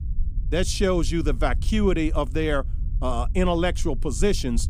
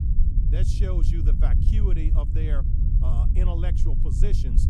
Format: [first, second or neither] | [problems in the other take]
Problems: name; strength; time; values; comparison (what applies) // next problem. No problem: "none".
first | low rumble; loud; throughout; 1 dB below the speech; faint in the first